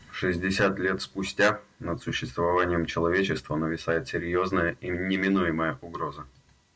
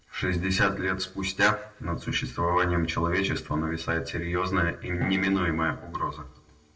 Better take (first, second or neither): first